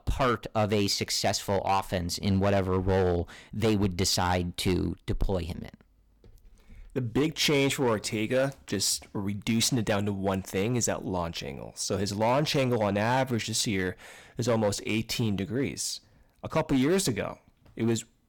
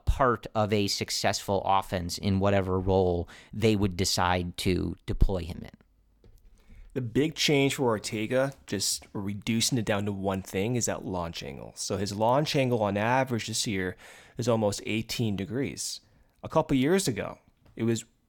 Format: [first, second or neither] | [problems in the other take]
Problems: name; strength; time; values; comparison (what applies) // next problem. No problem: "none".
second | distortion; slight; 6% of the sound clipped